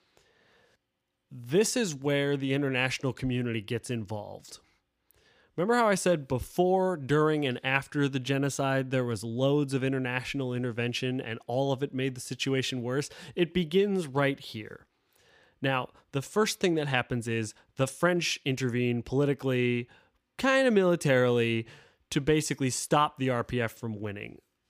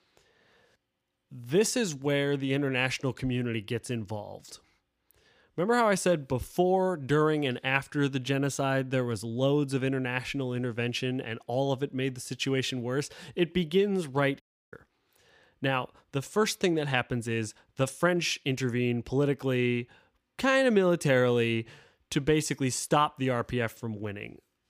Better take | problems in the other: first | audio cutting out; at 14 s

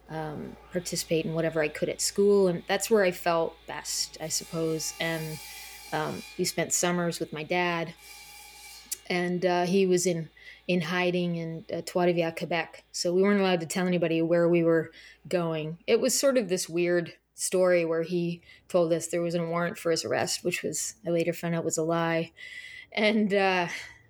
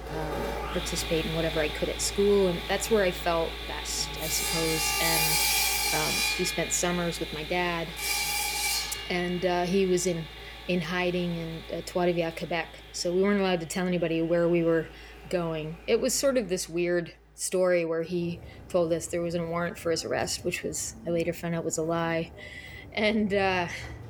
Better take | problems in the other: first | machinery noise; loud; throughout; 1 dB below the speech; faint in the first

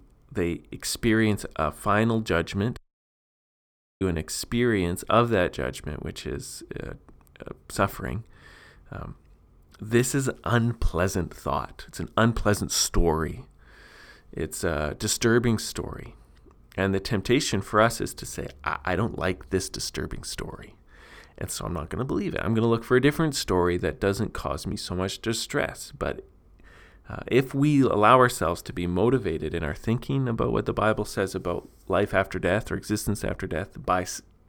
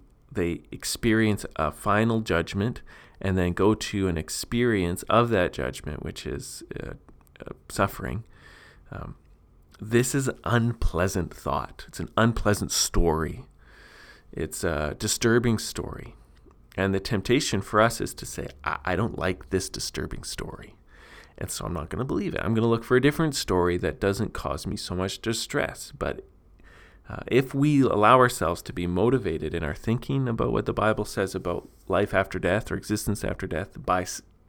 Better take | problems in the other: second | audio cutting out; at 3 s for 1 s

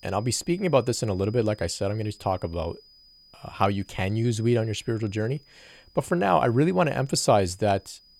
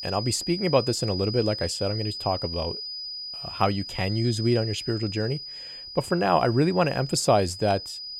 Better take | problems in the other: first | high-pitched whine; loud; throughout; 5 kHz, 8 dB below the speech; faint in the first

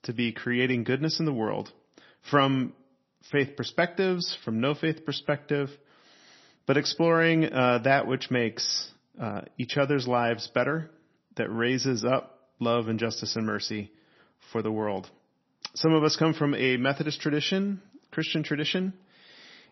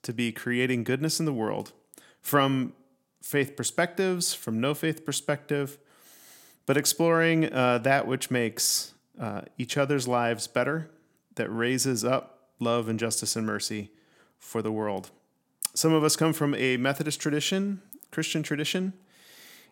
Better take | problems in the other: second | garbled, watery; slightly; nothing above 6 kHz

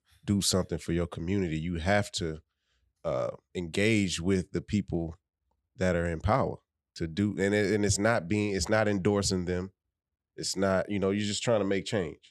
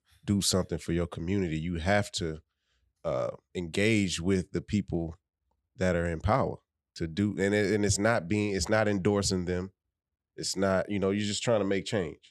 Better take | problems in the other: neither | none

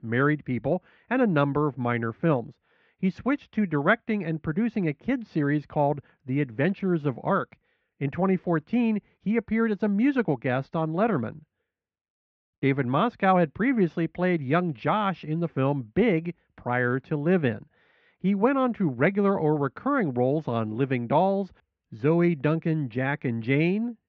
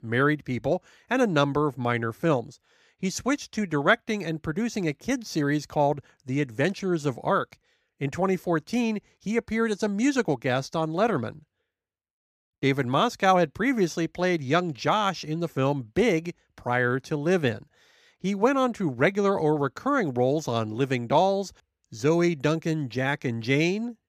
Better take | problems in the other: second | muffled; very; fading above 3 kHz

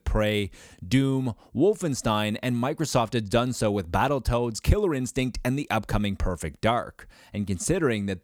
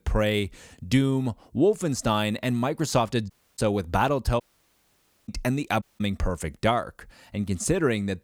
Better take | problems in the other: first | audio cutting out; at 3.5 s, at 4.5 s for 1 s and at 6 s

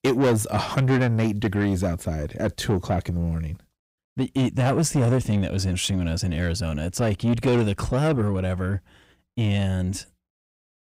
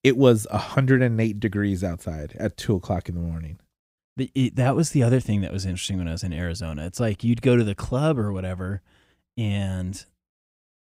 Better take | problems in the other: second | distortion; heavy; 8 dB below the speech

